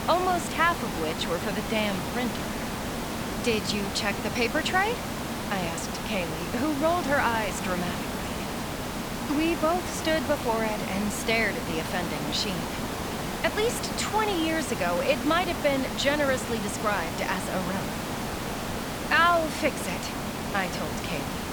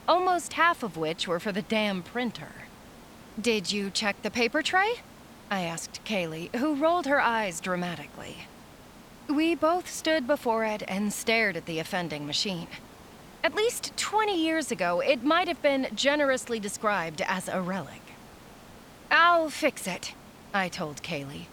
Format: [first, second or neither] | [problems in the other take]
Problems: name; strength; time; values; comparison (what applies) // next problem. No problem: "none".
second | hiss; loud; throughout; 4 dB below the speech; faint in the second